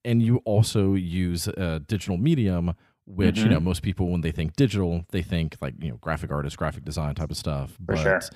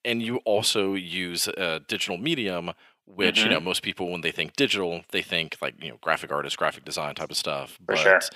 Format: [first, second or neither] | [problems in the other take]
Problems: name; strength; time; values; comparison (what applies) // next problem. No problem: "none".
first | thin; very; fading below 450 Hz